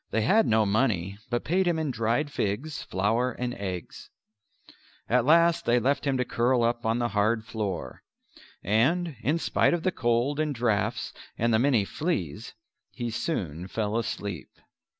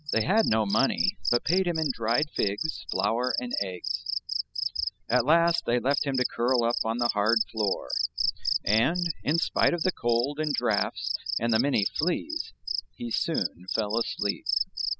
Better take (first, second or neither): first